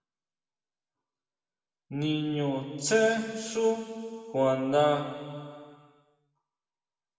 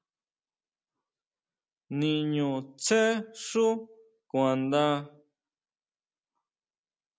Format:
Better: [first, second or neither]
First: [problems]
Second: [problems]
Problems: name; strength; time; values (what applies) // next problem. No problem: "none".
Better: second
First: room echo; dies away in 2.2 s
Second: none